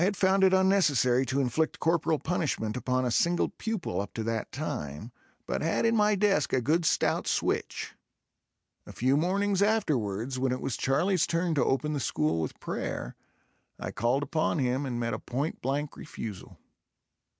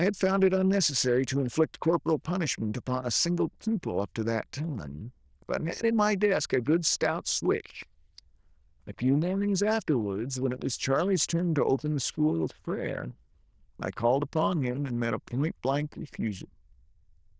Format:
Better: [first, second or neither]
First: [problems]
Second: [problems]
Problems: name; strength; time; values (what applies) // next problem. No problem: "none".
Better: first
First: none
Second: noise reduction (neural diffusion model UNIVERSE++)